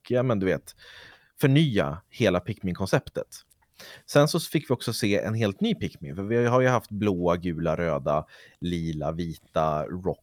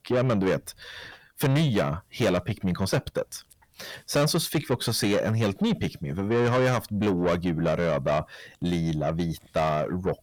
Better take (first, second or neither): first